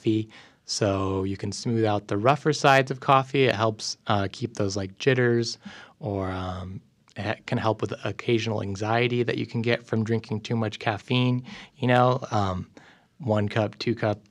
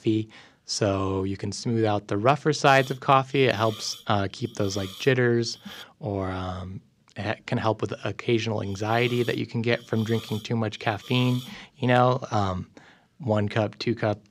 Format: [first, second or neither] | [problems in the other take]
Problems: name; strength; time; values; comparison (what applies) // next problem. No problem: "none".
first | hiss; noticeable; from 3 to 6 s and from 8.5 to 12 s; 20 dB below the speech